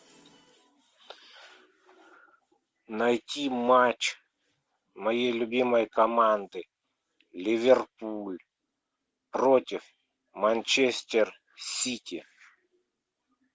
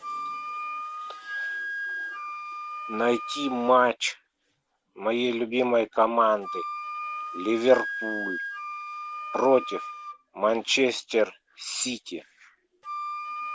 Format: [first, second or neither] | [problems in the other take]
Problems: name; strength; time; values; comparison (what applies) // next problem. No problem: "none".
first | background sound (Wind instrument, woodwind instrument); 9 dB below the speech